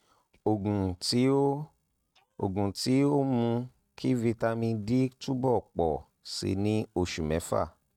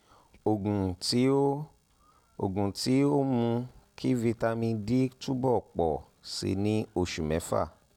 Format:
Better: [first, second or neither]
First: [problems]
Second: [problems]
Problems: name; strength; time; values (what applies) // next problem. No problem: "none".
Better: second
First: noise reduction (neural mask model RNNoise)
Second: none